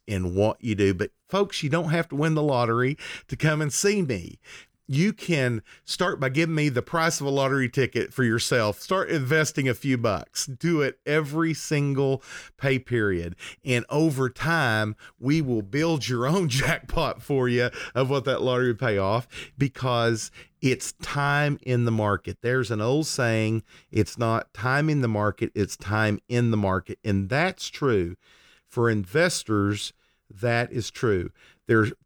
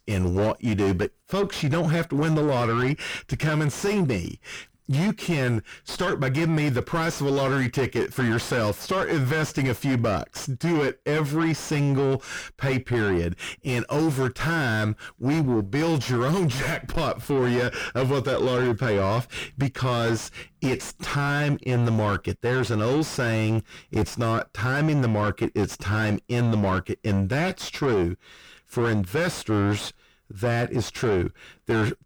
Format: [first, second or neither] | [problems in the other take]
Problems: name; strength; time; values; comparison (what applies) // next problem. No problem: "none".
first | distortion; heavy; 6 dB below the speech